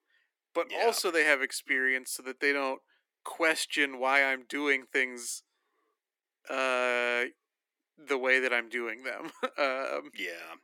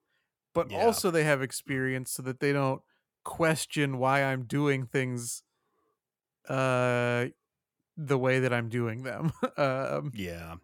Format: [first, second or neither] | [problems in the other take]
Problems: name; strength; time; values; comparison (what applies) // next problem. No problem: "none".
second | thin; somewhat; fading below 300 Hz